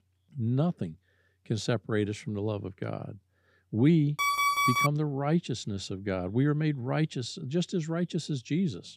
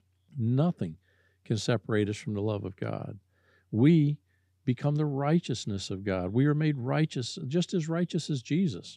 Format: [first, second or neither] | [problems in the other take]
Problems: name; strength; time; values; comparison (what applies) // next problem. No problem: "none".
second | alarm; loud; at 4 s; peak 6 dB above the speech